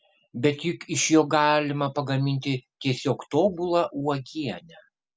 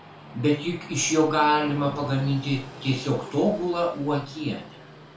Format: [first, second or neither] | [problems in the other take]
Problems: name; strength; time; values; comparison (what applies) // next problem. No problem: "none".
first | background sound (Train); 17 dB below the speech // room echo; dies away in 0.3 s